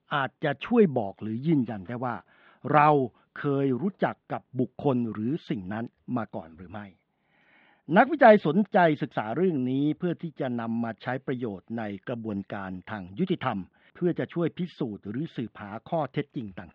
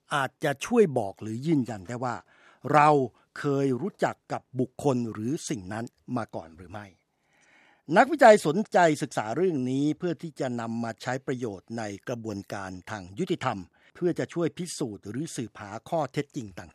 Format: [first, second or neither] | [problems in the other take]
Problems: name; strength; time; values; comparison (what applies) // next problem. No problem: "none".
second | muffled; very; fading above 3.5 kHz